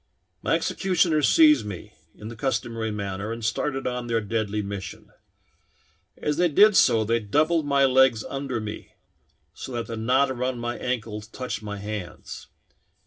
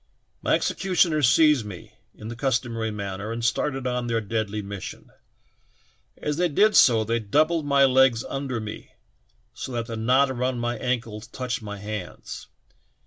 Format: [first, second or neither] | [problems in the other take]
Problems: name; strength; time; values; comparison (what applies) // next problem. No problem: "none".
second | room echo; dies away in 0.3 s